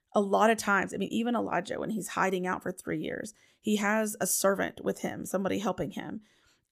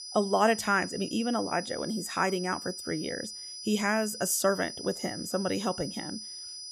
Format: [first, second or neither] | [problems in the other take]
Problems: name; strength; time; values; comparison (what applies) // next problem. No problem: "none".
first | high-pitched whine; loud; throughout; 5 kHz, 9 dB below the speech